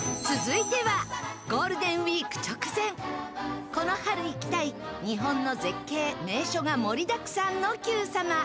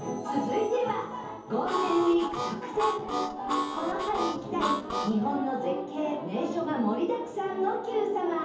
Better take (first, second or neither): first